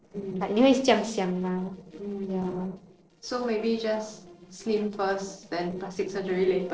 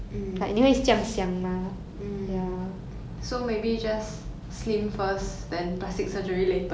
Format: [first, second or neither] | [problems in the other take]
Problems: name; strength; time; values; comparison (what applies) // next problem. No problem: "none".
second | noise reduction (neural separator model SepFormer DNS4)